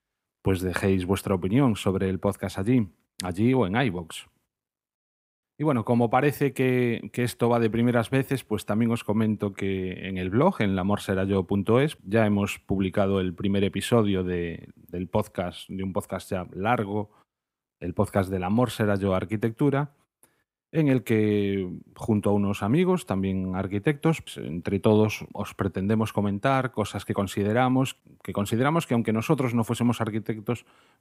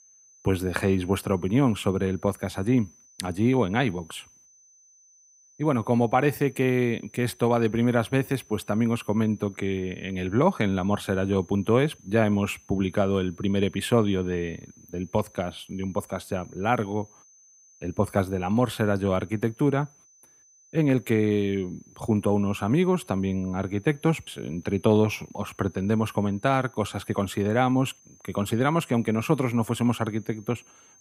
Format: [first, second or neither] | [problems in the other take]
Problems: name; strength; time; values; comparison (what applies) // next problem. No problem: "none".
first | high-pitched whine; faint; throughout; 6 kHz, 30 dB below the speech